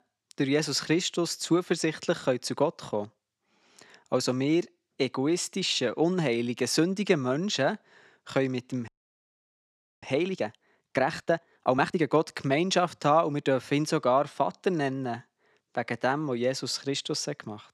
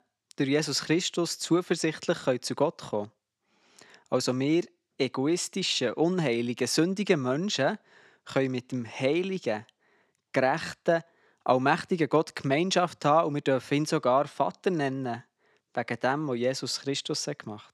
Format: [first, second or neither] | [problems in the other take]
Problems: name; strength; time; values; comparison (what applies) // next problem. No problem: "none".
second | audio freezing; at 9 s for 1 s